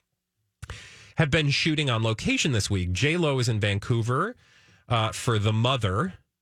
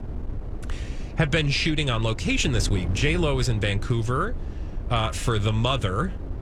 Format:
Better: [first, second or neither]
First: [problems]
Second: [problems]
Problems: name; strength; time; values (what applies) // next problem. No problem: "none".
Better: first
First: none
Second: wind noise on the microphone; occasional gusts; 15 dB below the speech